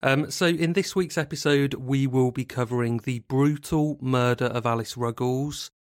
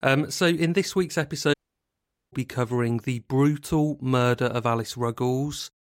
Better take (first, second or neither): first